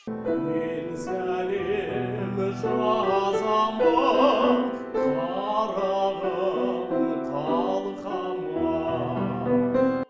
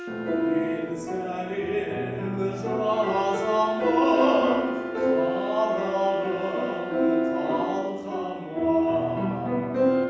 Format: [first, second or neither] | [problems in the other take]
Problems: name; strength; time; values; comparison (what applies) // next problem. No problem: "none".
first | background sound (Wind instrument, woodwind instrument); 13 dB below the speech // room echo; dies away in 0.9 s